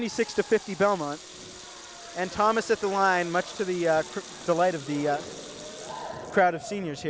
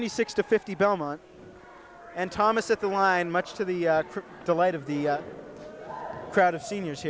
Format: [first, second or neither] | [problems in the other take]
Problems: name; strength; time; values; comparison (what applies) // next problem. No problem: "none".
second | background sound (Sink (filling or washing) / Water tap, faucet / Liquid); 18 dB below the speech